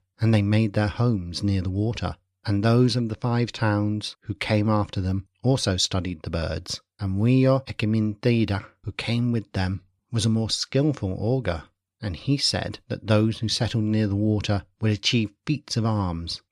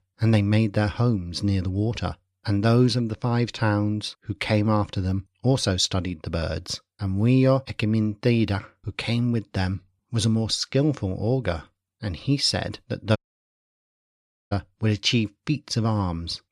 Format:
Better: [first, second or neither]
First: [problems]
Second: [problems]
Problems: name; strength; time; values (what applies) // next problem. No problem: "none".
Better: first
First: none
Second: audio cutting out; at 13 s for 1.5 s